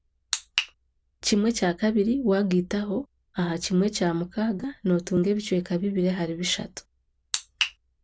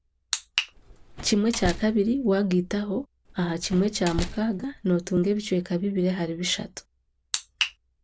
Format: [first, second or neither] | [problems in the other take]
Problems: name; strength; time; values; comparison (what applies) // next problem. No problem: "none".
first | background sound (Slam); 11 dB below the speech